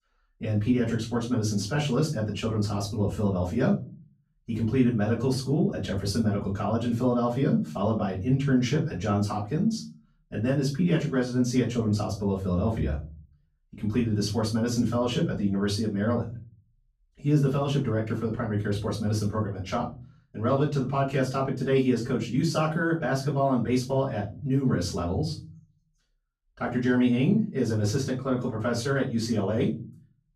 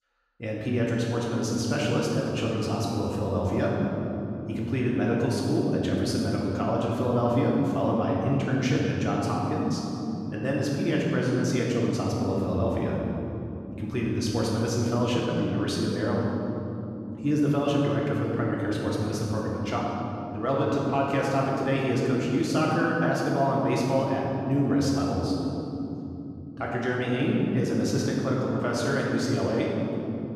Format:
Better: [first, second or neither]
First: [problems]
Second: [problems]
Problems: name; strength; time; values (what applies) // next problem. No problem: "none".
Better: first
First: room echo; slight; dies away in 0.5 s // off-mic speech; far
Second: room echo; strong; dies away in 3 s // off-mic speech; far